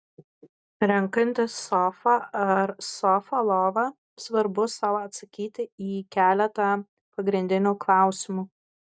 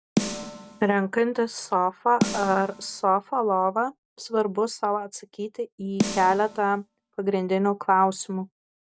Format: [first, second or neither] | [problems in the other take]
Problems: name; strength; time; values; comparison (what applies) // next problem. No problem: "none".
first | background sound (Snare drum); 8 dB below the speech